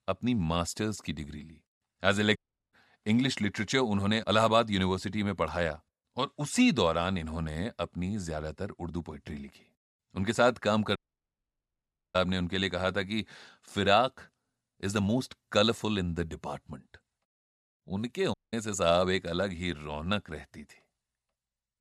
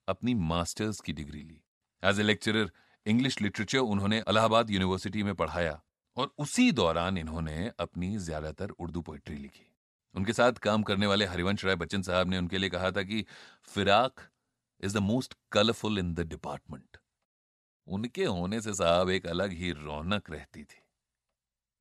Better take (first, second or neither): second